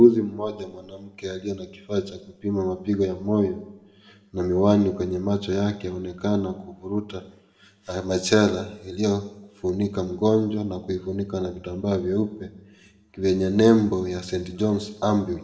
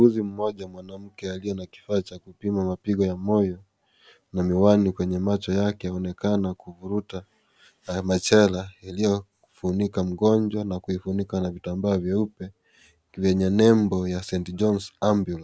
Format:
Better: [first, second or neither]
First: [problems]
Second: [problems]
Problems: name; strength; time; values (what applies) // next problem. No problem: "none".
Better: second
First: room echo; dies away in 0.7 s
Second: none